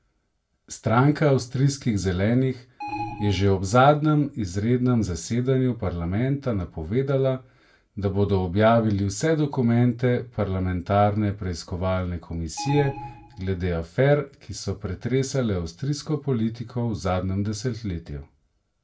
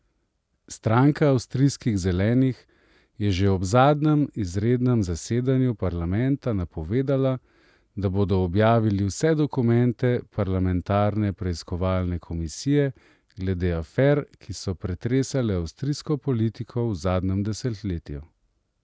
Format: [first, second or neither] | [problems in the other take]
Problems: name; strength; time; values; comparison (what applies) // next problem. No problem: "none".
second | background sound (Alarm); 12 dB below the speech // room echo; dies away in 0.2 s